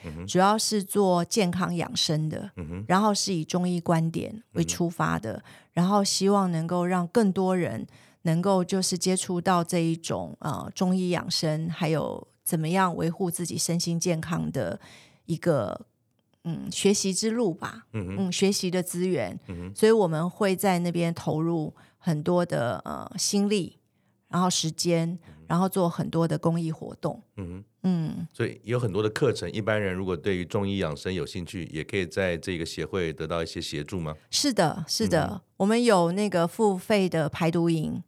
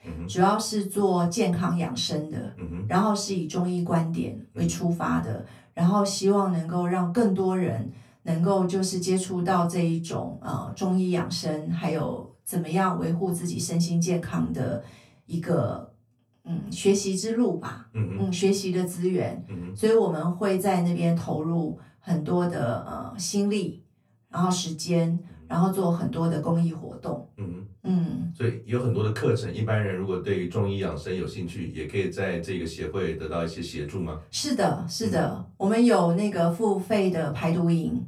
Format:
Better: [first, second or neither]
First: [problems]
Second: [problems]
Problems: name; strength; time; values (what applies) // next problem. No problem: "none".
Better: first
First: none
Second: off-mic speech; far // room echo; very slight; dies away in 0.3 s